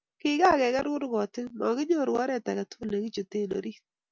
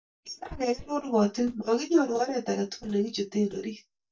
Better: first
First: none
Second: noise reduction (neural mask model DeepFilterNet 3)

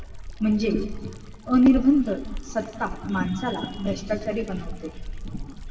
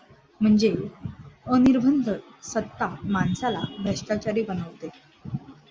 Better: second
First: background sound (Liquid); 10 dB below the speech // room echo; dies away in 1.9 s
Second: none

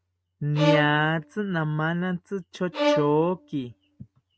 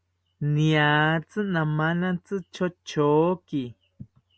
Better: second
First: noise reduction (neural mask model RNNoise)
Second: none

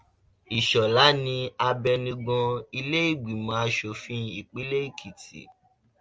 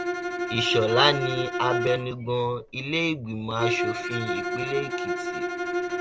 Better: first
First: none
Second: background sound (Bowed string instrument); 2 dB below the speech

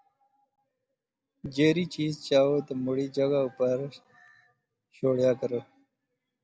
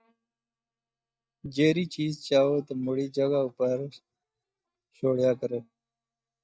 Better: first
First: none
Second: noise reduction (neural mask model DeepFilterNet 3)

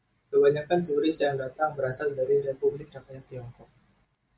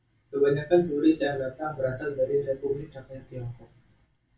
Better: first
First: none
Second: room echo; dies away in 0.2 s

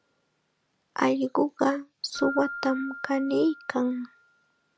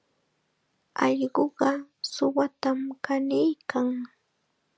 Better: second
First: background sound (Keyboard (musical)); 14 dB below the speech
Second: none

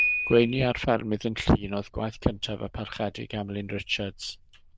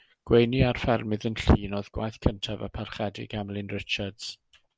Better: second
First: noise reduction (neural diffusion model UNIVERSE++)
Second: none

